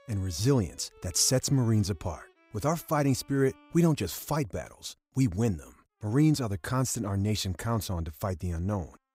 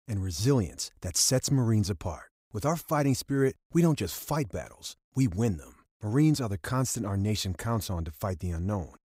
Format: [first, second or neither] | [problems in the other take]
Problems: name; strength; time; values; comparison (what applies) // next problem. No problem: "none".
second | background music; faint; throughout; 30 dB below the speech